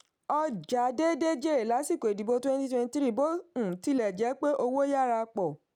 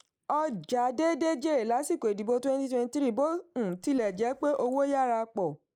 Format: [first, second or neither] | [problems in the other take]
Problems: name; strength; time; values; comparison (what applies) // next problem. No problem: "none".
first | noise reduction (neural mask model Resemble Enhance denoiser)